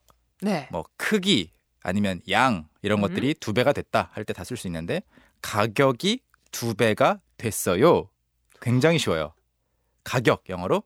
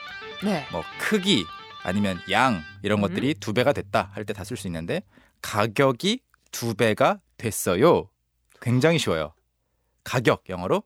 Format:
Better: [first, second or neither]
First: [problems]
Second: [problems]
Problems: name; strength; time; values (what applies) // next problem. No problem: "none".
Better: first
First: none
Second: background music; noticeable; until 5 s; 15 dB below the speech